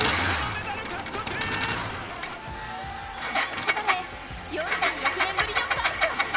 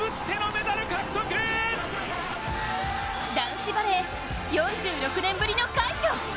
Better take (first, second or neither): second